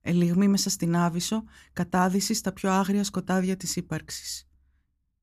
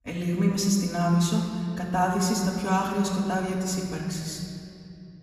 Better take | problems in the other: first | off-mic speech; far // room echo; noticeable; dies away in 2.4 s

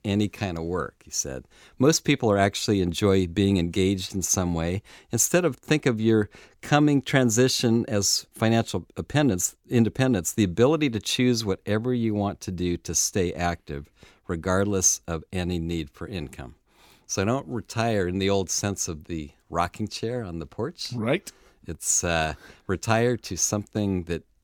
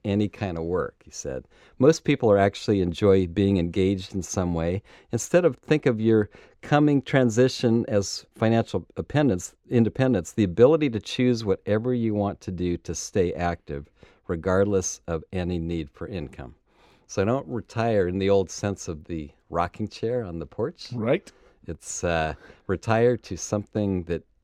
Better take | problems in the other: first | muffled; slightly; fading above 2.5 kHz

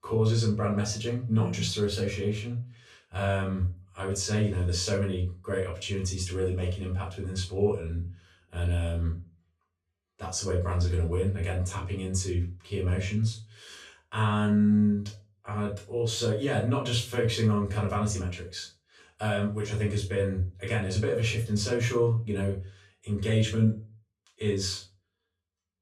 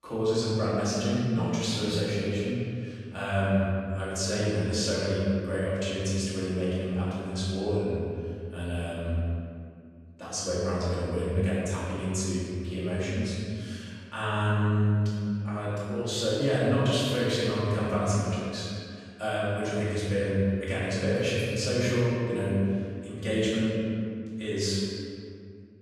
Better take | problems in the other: first | room echo; strong; dies away in 2.1 s; slight in the first // off-mic speech; far; far in the first

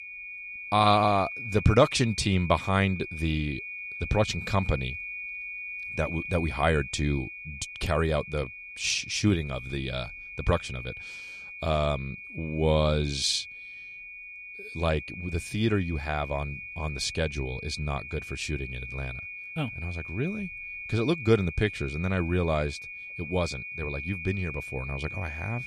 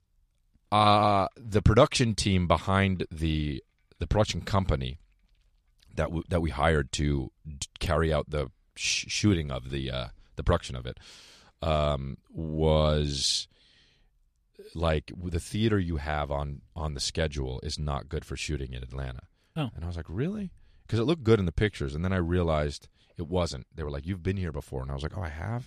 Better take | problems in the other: second | high-pitched whine; loud; throughout; 2.5 kHz, 9 dB below the speech

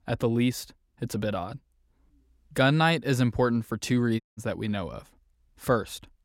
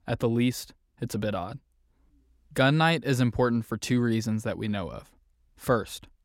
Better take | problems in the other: second | audio cutting out; at 4 s

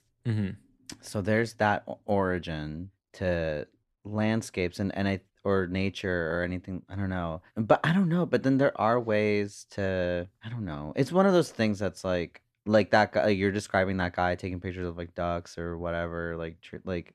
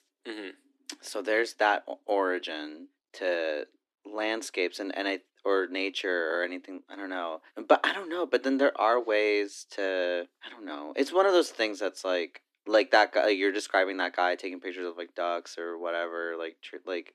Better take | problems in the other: first | thin; somewhat; fading below 300 Hz

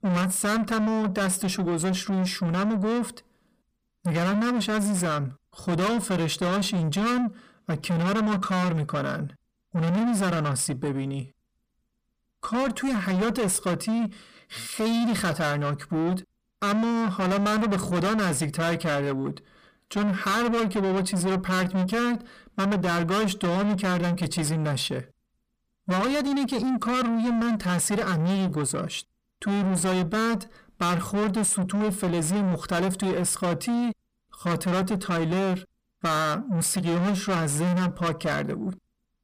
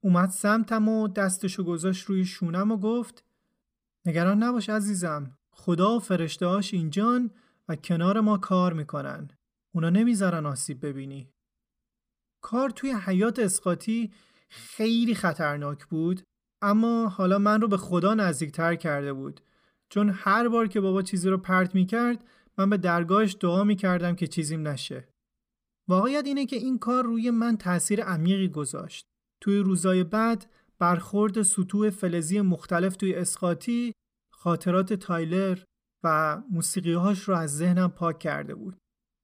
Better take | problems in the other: second | distortion; heavy; 7 dB below the speech

